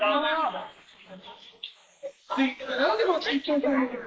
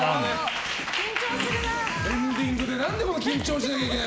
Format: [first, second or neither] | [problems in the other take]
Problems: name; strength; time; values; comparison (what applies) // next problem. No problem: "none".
second | noise reduction (neural mask model Resemble Enhance denoiser)